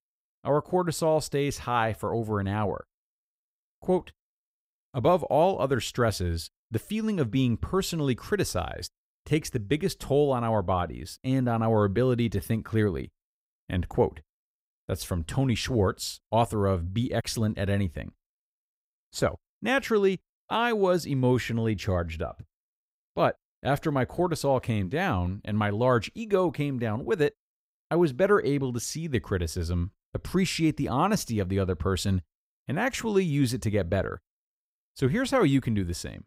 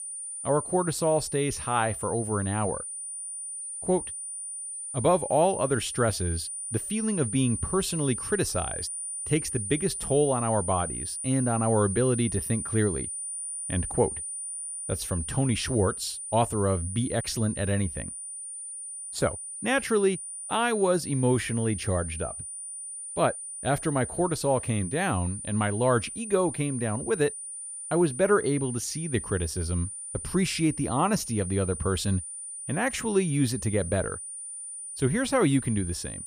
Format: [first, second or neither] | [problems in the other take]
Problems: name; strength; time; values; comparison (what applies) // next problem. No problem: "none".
first | high-pitched whine; loud; throughout; 9.5 kHz, 6 dB below the speech